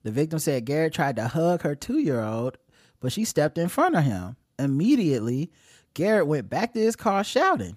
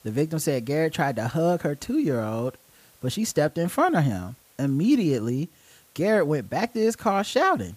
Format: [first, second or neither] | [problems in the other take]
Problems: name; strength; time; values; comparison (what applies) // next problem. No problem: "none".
first | hiss; faint; throughout; 30 dB below the speech